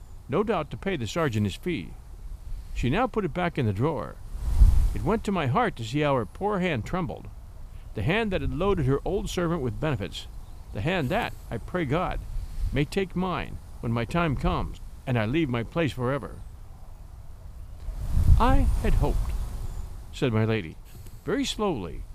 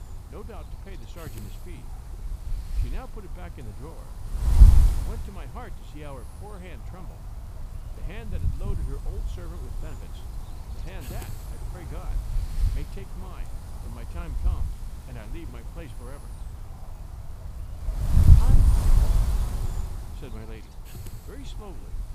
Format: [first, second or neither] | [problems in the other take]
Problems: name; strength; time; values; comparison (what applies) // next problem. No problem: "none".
first | wind noise on the microphone; heavy; 2 dB above the speech; occasional gusts in the first